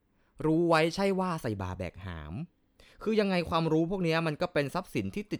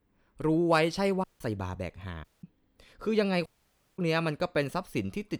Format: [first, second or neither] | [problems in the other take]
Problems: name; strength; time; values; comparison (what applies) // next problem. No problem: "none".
first | audio cutting out; at 1 s, at 2 s and at 3.5 s for 0.5 s